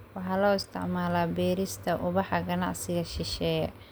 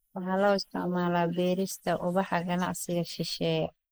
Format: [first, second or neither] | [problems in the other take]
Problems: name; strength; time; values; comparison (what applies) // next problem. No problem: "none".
first | noise reduction (neural mask model Resemble Enhance denoiser)